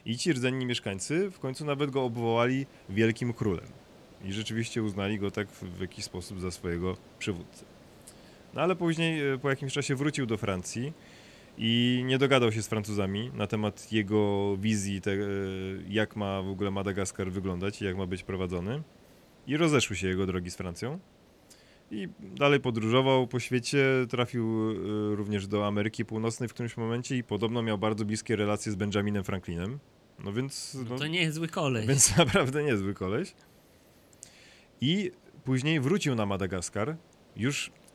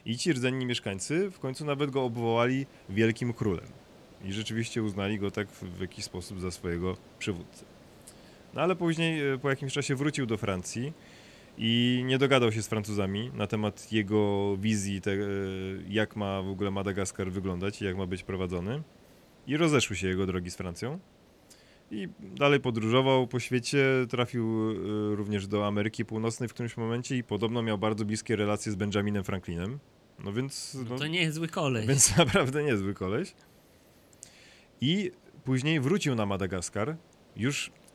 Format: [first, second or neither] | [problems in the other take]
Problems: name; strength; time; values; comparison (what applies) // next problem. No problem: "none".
neither | hiss; faint; throughout; 25 dB below the speech; the same in both